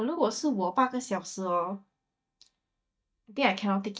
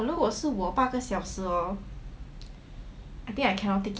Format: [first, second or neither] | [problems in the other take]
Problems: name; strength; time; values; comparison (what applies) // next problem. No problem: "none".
second | noise reduction (neural mask model DeepFilterNet 3)